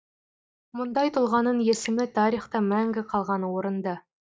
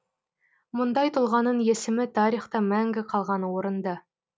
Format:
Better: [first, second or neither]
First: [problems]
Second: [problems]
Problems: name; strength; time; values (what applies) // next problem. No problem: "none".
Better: second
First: noise reduction (neural mask model DeepFilterNet 3)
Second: none